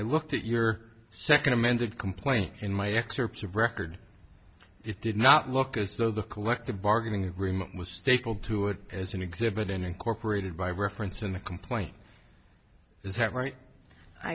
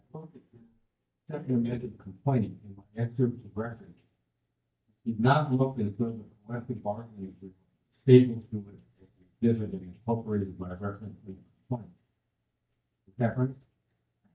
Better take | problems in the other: first | noise reduction (neural mask model DeepFilterNet 3)

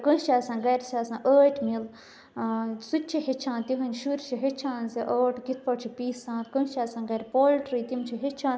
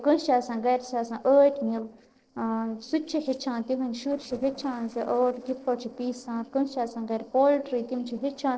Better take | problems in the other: first | noise reduction (neural separator model SepFormer DNS4)

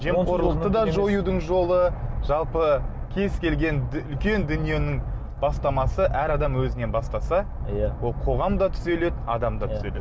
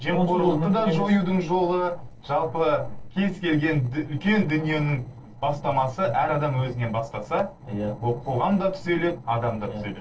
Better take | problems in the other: first | noise reduction (neural separator model SepFormer DNS4)

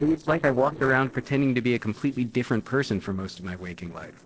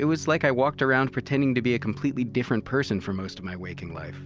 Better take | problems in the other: second | noise reduction (neural separator model SepFormer DNS4)

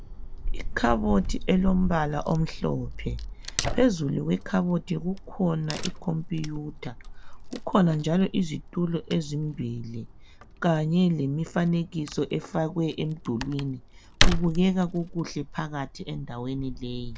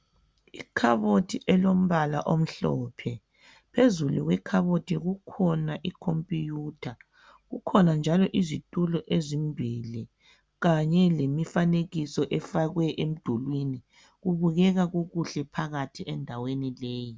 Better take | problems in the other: second | background sound (Tearing / Wood); 4 dB below the speech

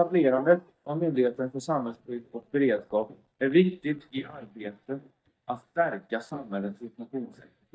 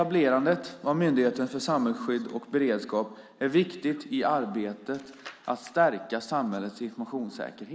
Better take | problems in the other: second | noise reduction (neural mask model DeepFilterNet 3)

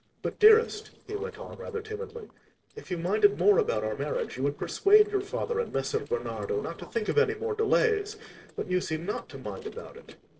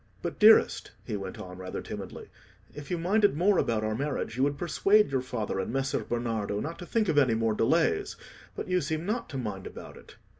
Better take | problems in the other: second | noise reduction (neural separator model SepFormer DNS4)

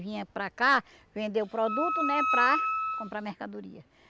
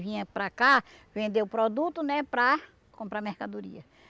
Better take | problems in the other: second | background sound (Wind instrument, woodwind instrument); as loud as the speech

